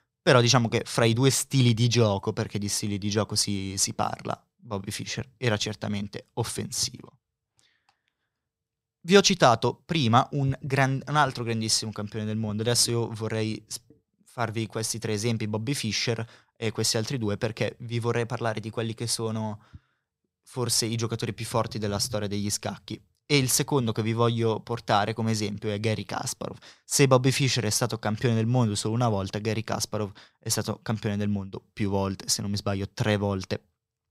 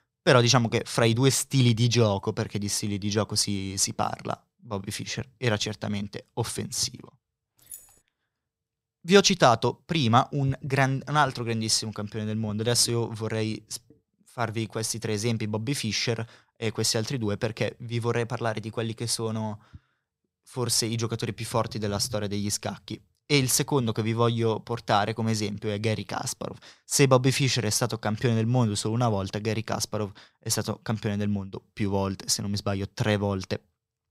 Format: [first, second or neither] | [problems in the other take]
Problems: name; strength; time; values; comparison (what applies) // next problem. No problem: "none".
first | jangling keys; faint; at 7.5 s; peak 15 dB below the speech